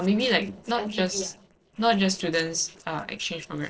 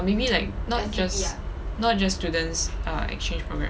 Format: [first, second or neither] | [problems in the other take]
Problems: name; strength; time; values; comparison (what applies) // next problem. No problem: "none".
second | noise reduction (neural separator model SepFormer DNS4)